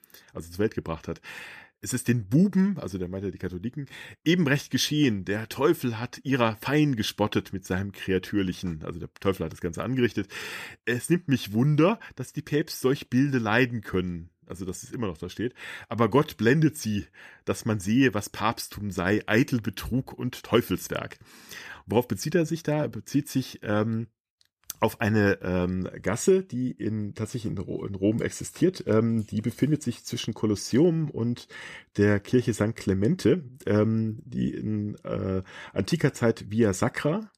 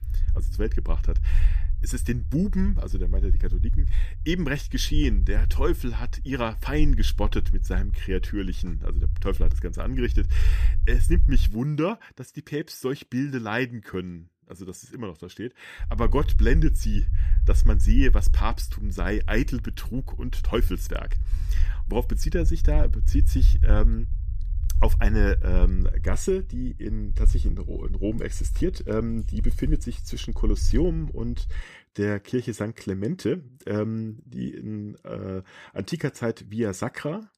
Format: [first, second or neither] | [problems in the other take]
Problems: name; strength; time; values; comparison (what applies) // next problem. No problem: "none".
first | low rumble; noticeable; until 11 s and from 16 to 32 s; 15 dB below the speech